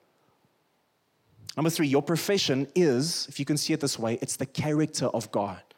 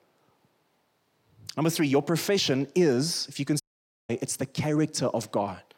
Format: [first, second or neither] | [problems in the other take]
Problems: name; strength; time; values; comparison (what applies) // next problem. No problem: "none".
first | audio cutting out; at 3.5 s